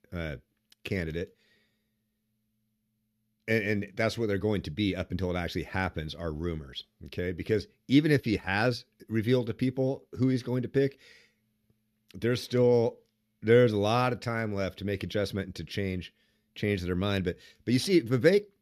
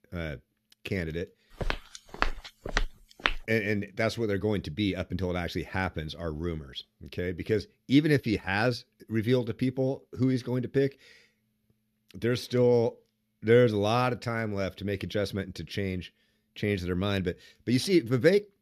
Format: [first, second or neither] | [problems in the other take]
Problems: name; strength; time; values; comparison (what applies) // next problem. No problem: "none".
first | footsteps; noticeable; from 1.5 to 3.5 s; peak 2 dB below the speech